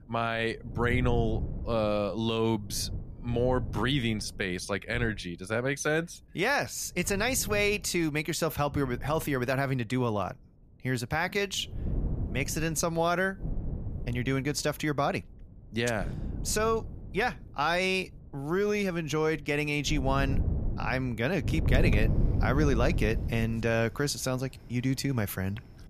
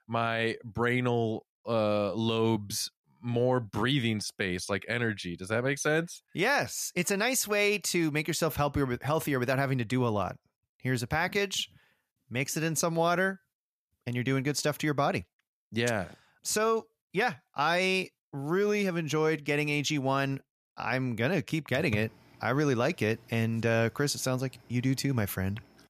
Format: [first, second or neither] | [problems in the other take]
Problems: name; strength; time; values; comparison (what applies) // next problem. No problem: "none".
second | wind noise on the microphone; occasional gusts; 15 dB below the speech